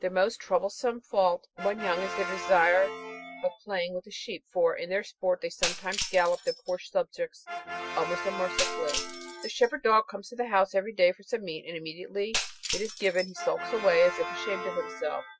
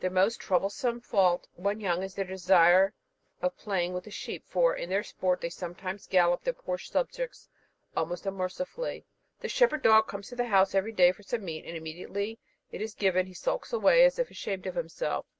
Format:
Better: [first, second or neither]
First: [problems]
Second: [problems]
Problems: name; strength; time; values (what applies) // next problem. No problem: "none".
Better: second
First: noise reduction (classical method Wiener filter)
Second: none